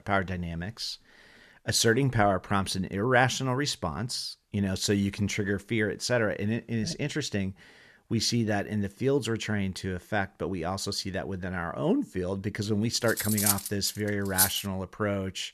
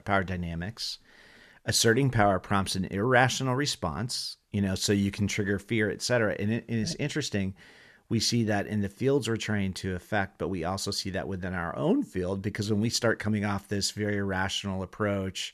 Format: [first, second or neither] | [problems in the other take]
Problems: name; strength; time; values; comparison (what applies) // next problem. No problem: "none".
second | clattering dishes; loud; from 13 to 15 s; peak 4 dB above the speech